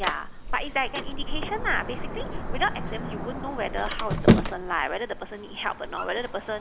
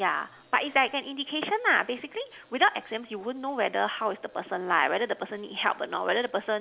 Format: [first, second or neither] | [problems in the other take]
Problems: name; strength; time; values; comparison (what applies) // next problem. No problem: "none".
second | background sound (Sliding door + Motor vehicle (road)); 3 dB above the speech